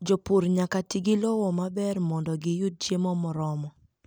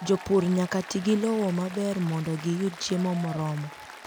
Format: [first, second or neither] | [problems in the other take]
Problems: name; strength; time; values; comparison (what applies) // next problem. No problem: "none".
first | background sound (Applause); 16 dB below the speech